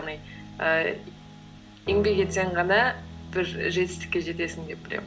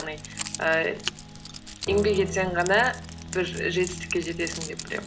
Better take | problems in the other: first | background sound (Keys jangling); 13 dB below the speech

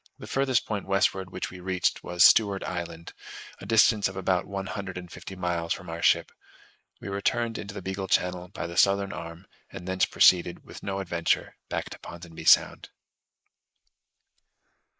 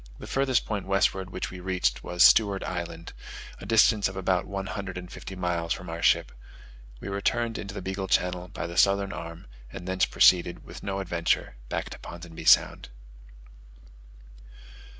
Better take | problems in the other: second | noise reduction (neural mask model Resemble Enhance denoiser)

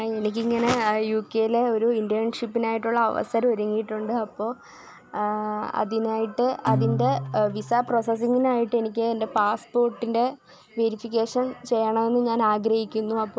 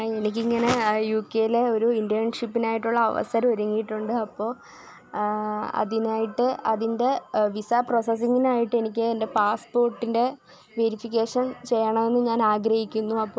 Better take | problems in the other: second | background sound (Acoustic guitar); 7 dB below the speech

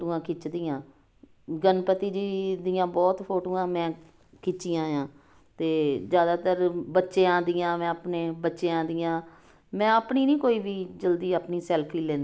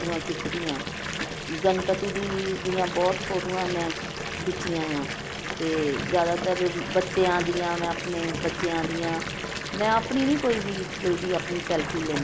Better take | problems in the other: first | background sound (Fill (with liquid) / Bathtub (filling or washing) / Water tap, faucet); 5 dB below the speech

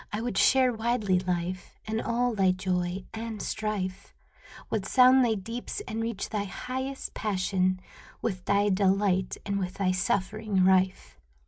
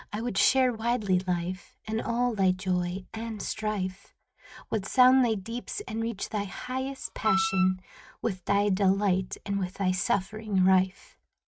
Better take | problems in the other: first | noise reduction (neural mask model RNNoise)

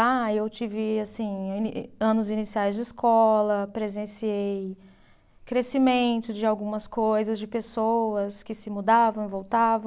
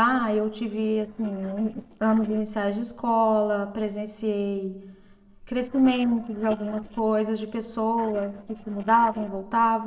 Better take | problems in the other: first | noise reduction (neural separator model SepFormer DNS4)

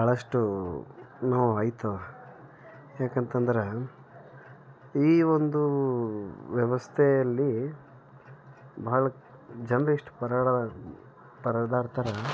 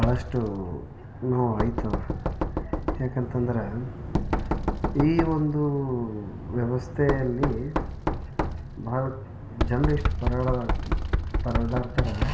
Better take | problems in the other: first | background sound (Knock); 1 dB below the speech // room echo; dies away in 1.4 s

